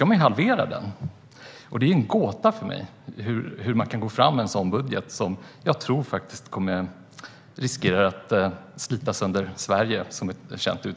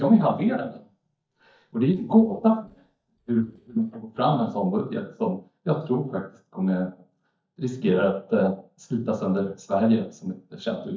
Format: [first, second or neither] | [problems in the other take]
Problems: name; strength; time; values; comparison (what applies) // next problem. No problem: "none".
first | noise reduction (neural mask model DeepFilterNet 3)